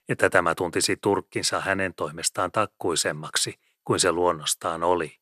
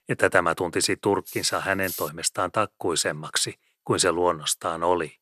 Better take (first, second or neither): first